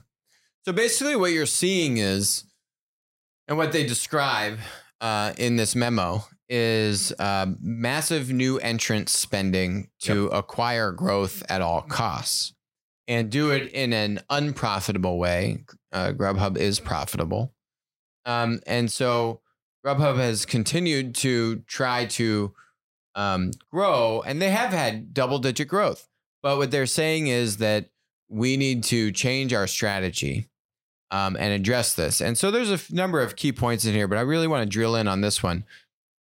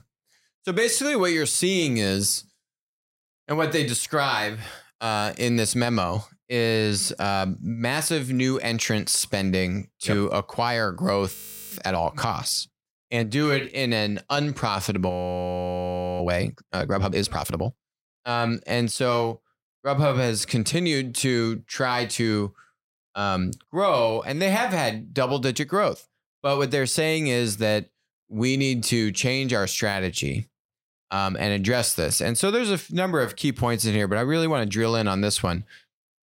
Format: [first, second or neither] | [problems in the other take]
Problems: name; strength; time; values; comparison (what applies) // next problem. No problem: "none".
first | audio freezing; at 11 s and at 15 s for 1 s